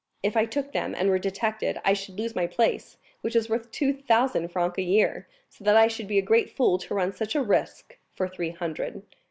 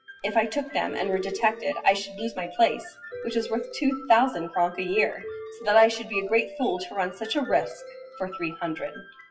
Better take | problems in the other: first | noise reduction (classical method WPE with log-MMSE)

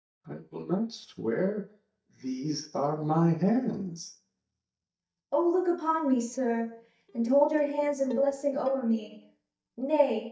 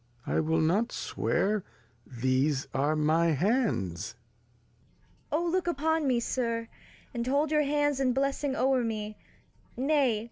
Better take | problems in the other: second | noise reduction (neural mask model DeepFilterNet 3)

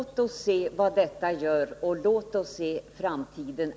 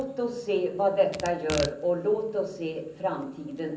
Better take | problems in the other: first | background sound (Packing tape, duct tape / Tearing); 14 dB below the speech // room echo; dies away in 0.6 s

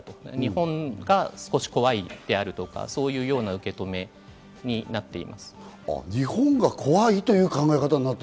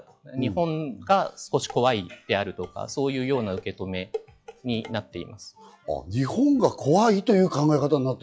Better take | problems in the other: first | noise reduction (classical method log-MMSE)

